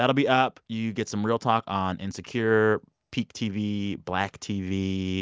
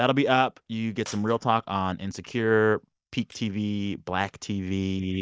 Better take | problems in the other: first | noise reduction (neural mask model DeepFilterNet 3)

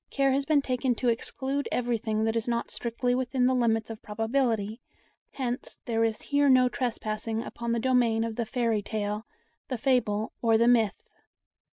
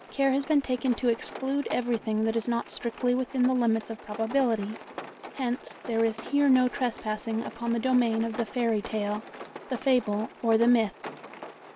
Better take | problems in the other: first | background sound (Rain); 16 dB below the speech

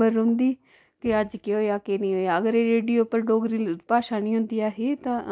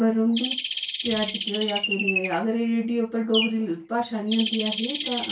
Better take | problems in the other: first | background sound (Bird); 5 dB below the speech // room echo; dies away in 0.2 s

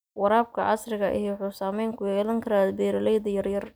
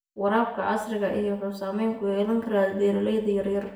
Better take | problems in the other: first | room echo; dies away in 0.7 s

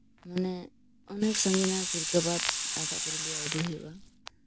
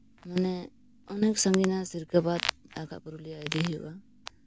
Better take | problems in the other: second | background sound (Sink (filling or washing) / Water tap, faucet); 1 dB below the speech

